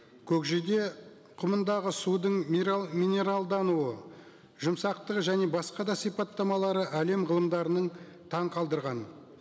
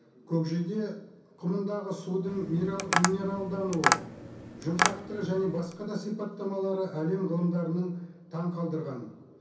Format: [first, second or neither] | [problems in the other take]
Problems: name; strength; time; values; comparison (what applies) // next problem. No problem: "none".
first | background sound (Tap); as loud as the speech // room echo; dies away in 0.6 s